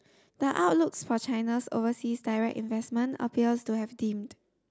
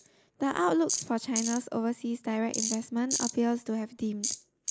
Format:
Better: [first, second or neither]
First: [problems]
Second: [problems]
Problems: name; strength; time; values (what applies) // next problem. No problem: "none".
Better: first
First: none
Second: noise reduction (neural mask model Resemble Enhance denoiser)